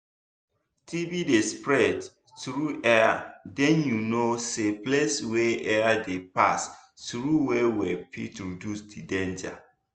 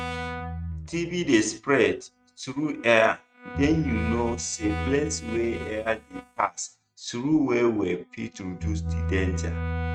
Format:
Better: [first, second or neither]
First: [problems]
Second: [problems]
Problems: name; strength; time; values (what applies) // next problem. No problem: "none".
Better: first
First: none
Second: noise reduction (neural mask model RNNoise)